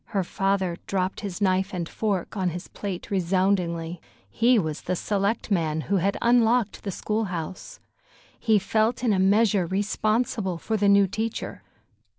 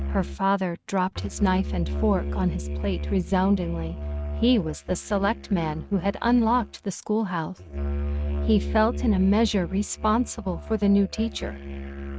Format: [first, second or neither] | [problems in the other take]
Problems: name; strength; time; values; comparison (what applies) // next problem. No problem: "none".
first | noise reduction (neural mask model RNNoise)